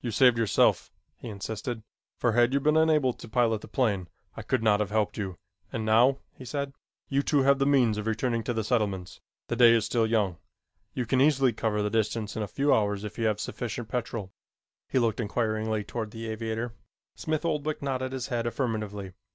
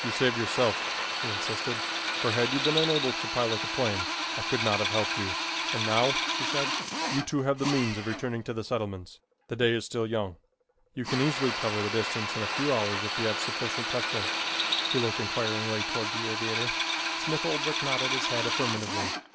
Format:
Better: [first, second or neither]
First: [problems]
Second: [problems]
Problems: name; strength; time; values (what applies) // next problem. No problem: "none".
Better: first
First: none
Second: background sound (Drill); as loud as the speech